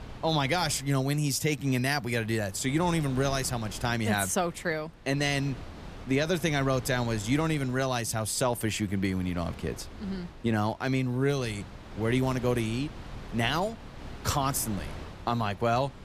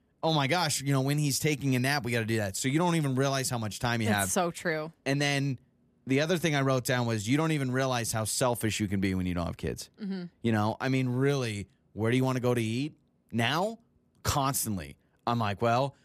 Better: second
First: wind noise on the microphone; occasional gusts; 20 dB below the speech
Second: none

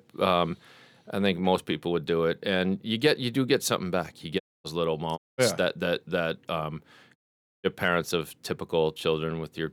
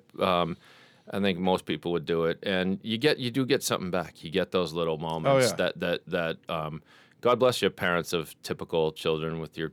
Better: second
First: audio cutting out; at 4.5 s, at 5 s and at 7 s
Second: none

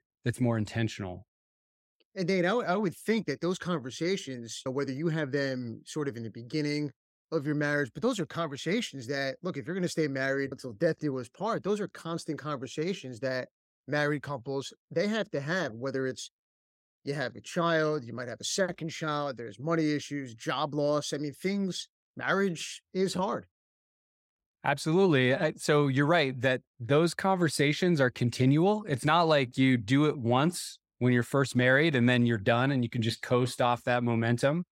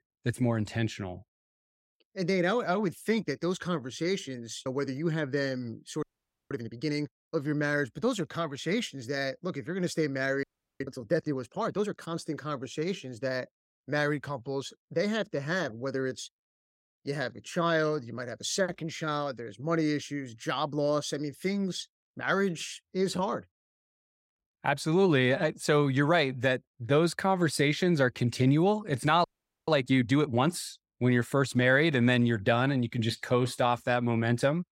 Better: first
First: none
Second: audio freezing; at 6 s, at 10 s and at 29 s

